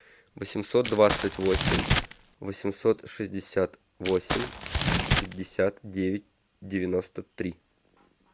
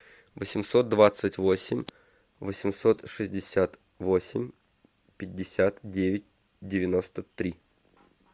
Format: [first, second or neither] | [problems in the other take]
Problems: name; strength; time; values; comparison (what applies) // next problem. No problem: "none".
second | background sound (Crumpling, crinkling); 1 dB above the speech